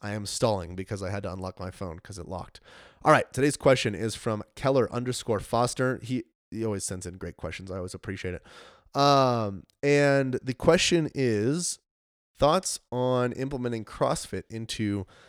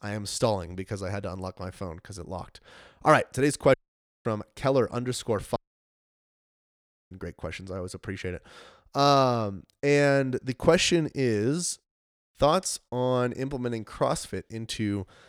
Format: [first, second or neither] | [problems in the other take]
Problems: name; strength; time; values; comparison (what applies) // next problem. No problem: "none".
first | audio cutting out; at 3.5 s for 0.5 s and at 5.5 s for 1.5 s